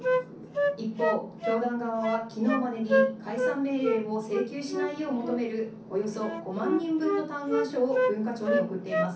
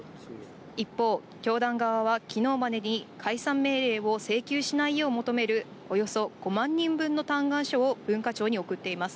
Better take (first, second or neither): second